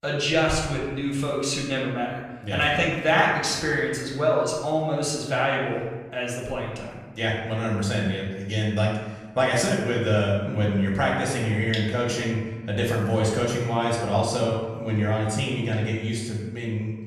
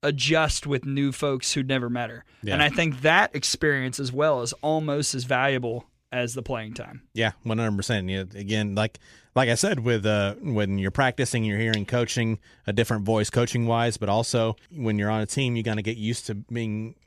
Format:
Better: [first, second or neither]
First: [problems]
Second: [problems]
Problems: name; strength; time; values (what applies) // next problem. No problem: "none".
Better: second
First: room echo; noticeable; dies away in 1.1 s // off-mic speech; far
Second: none